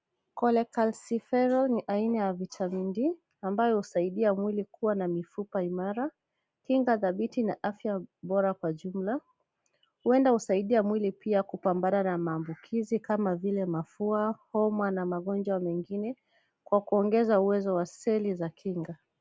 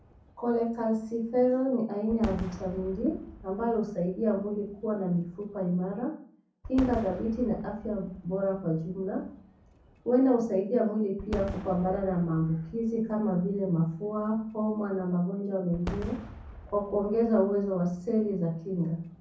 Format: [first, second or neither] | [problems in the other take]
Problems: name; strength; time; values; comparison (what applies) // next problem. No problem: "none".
first | background sound (Fireworks); 16 dB below the speech // room echo; dies away in 0.6 s